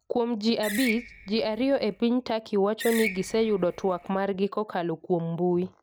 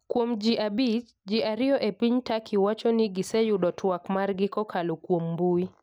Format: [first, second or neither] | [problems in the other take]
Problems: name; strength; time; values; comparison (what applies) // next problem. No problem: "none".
second | background sound (Screech); 11 dB below the speech